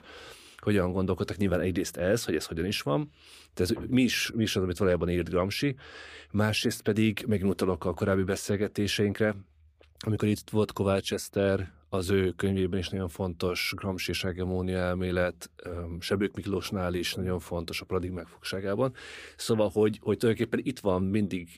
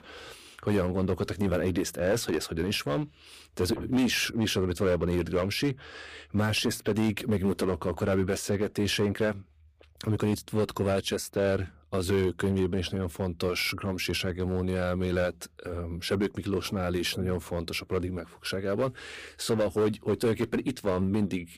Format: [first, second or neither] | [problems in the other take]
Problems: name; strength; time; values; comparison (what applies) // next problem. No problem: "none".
first | distortion; slight; 6% of the sound clipped